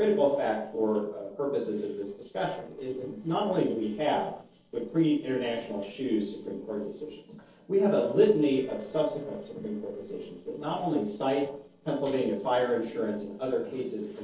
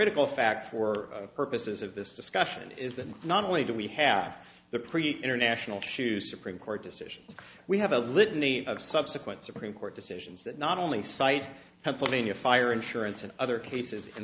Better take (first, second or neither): second